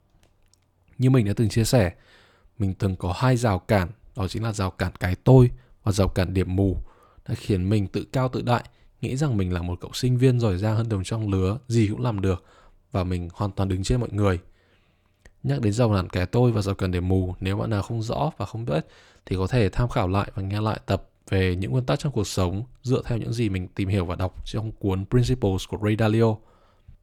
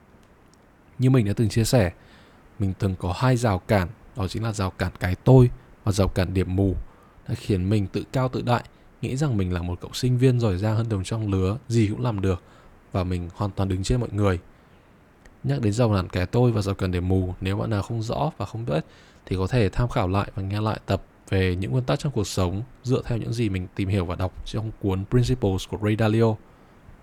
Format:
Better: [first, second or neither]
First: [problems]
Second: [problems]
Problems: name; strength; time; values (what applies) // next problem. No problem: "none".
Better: first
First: none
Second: hiss; faint; throughout; 30 dB below the speech